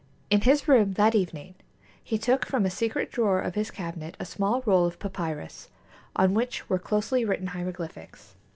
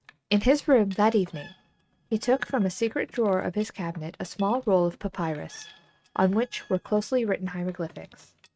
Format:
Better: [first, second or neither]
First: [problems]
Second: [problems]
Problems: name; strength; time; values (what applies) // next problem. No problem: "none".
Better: first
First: none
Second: noise reduction (neural mask model RNNoise)